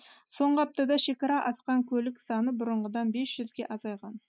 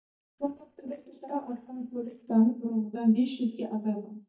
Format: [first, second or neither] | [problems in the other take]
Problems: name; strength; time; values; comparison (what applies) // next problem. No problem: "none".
first | noise reduction (neural mask model DeepFilterNet 3)